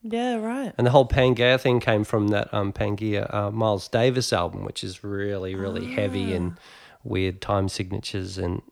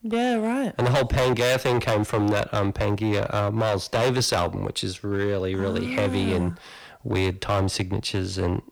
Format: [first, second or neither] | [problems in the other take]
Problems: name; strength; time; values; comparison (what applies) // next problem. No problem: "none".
first | distortion; heavy; 13% of the sound clipped